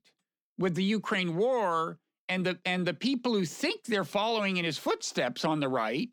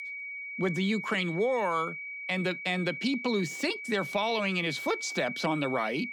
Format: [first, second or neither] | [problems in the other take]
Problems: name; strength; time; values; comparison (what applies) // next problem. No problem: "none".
first | high-pitched whine; loud; throughout; 2.5 kHz, 7 dB below the speech